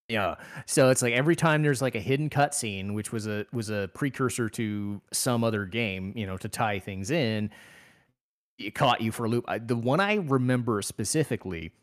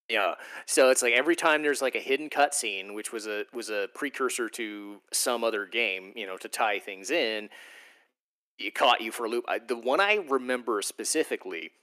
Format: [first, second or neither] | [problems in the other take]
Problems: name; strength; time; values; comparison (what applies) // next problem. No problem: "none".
first | thin; somewhat; fading below 300 Hz